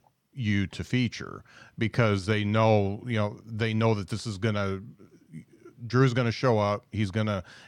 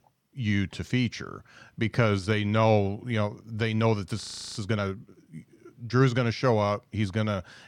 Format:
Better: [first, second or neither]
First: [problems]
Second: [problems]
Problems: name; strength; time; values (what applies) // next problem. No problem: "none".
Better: first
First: none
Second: audio freezing; at 4 s